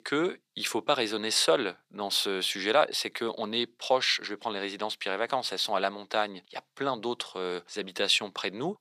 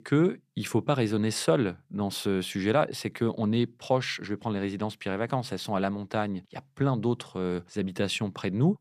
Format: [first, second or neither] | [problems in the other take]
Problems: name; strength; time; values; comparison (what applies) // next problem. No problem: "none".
second | thin; somewhat; fading below 500 Hz